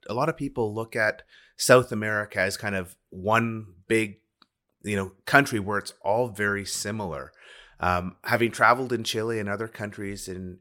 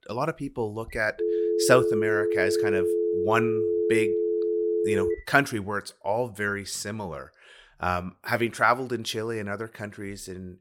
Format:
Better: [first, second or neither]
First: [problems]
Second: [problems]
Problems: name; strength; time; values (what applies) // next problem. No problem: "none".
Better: first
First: none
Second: phone ringing; loud; from 1 to 5 s; peak 3 dB above the speech